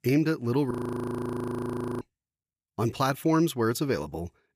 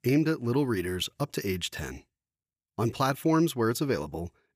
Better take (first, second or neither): second